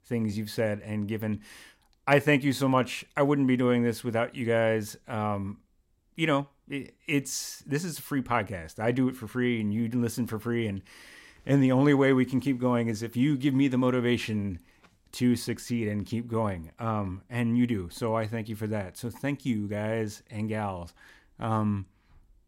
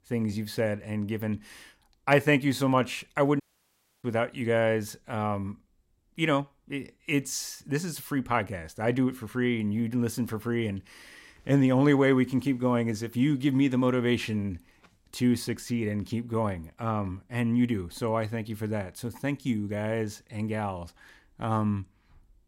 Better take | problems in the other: first | audio cutting out; at 3.5 s for 0.5 s

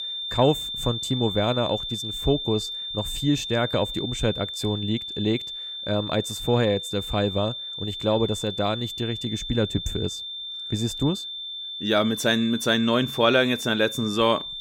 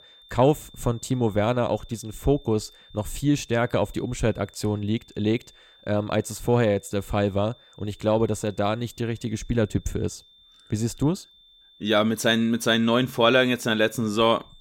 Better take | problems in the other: second | high-pitched whine; loud; throughout; 3.5 kHz, 6 dB below the speech; faint in the second

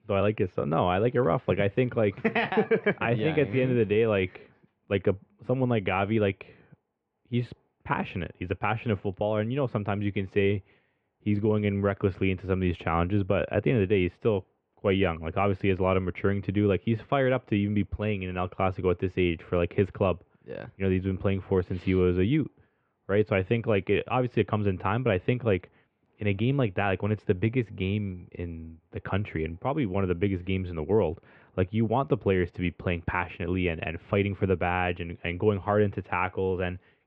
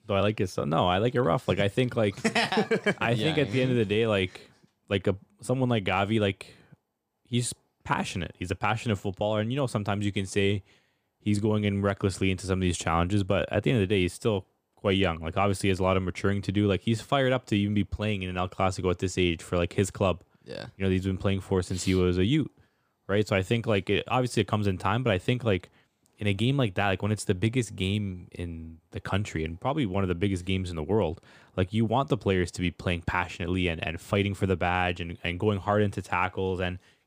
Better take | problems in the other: second | muffled; very; fading above 2.5 kHz

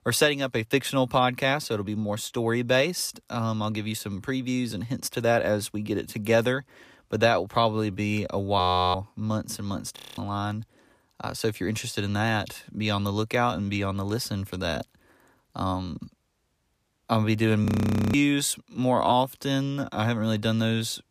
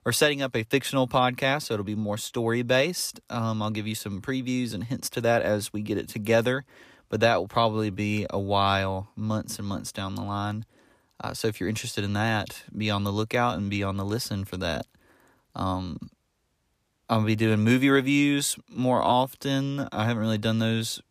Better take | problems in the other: second | audio freezing; at 8.5 s, at 10 s and at 18 s

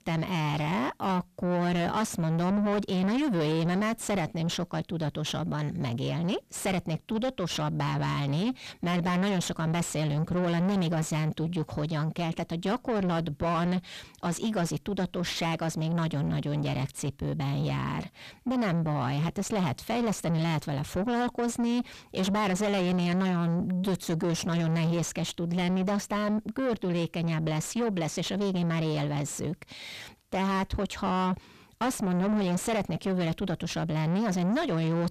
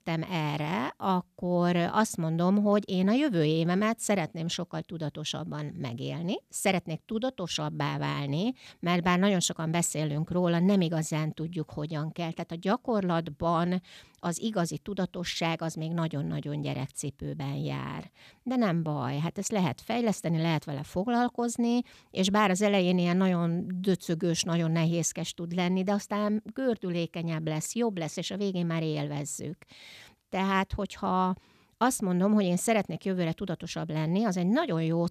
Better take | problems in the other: second | distortion; heavy; 7 dB below the speech

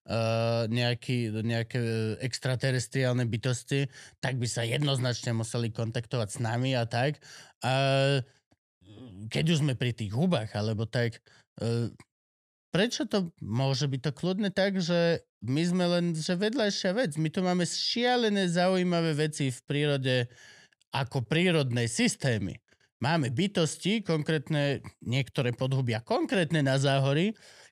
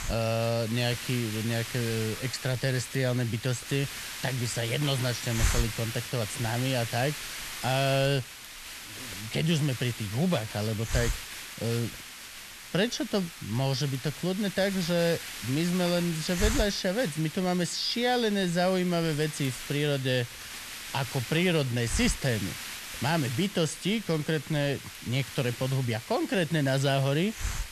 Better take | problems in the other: first | hiss; loud; throughout; 8 dB below the speech

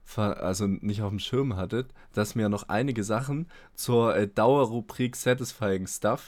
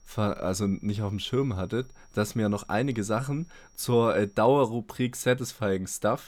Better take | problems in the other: first | high-pitched whine; faint; until 4.5 s; 5.5 kHz, 35 dB below the speech

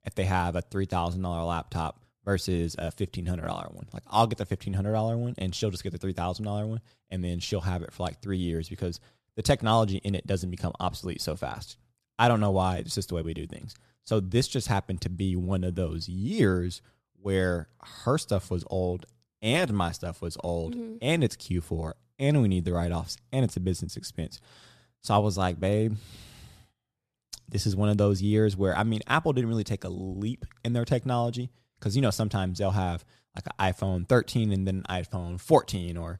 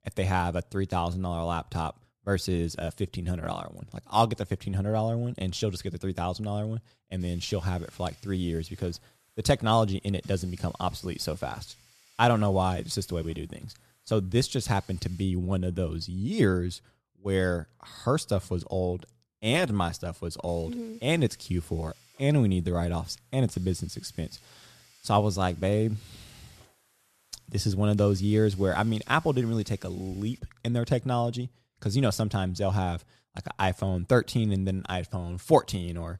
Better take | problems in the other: first | hiss; faint; from 7 to 15 s and from 20 to 30 s; 30 dB below the speech

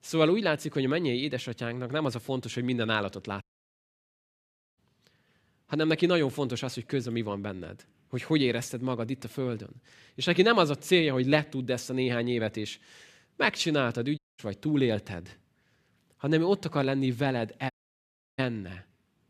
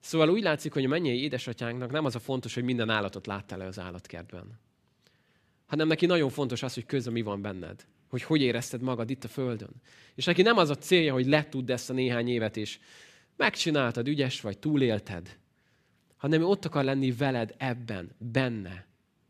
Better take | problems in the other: second | audio cutting out; at 3.5 s for 1.5 s, at 14 s and at 18 s for 0.5 s

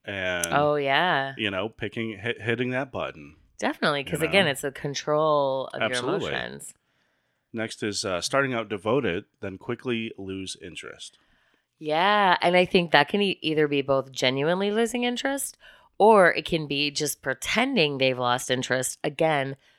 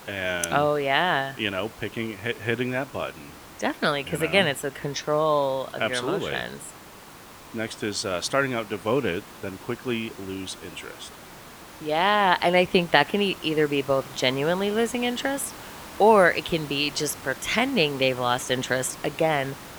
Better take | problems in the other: first | hiss; noticeable; throughout; 15 dB below the speech

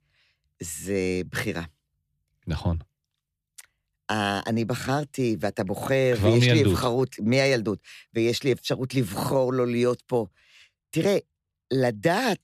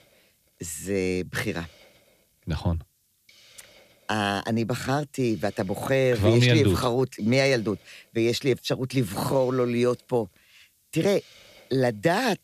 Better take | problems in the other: first | hiss; faint; throughout; 30 dB below the speech

